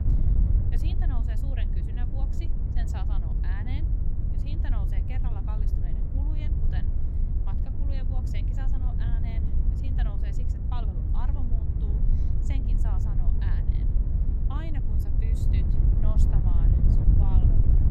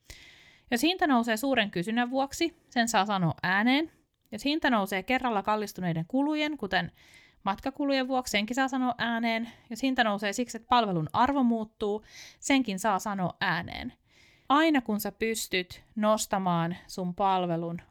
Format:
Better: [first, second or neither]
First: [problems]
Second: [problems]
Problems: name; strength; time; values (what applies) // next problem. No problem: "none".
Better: second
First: wind noise on the microphone; heavy; 3 dB above the speech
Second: none